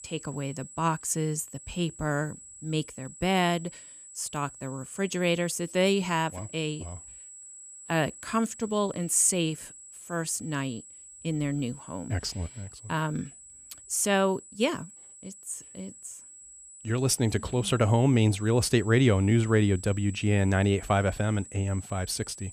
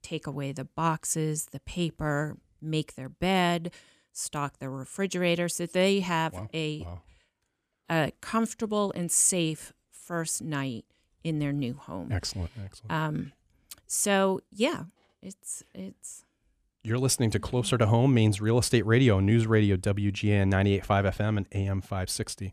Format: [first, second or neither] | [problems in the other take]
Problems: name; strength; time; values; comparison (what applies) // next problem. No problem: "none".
second | high-pitched whine; noticeable; throughout; 8 kHz, 15 dB below the speech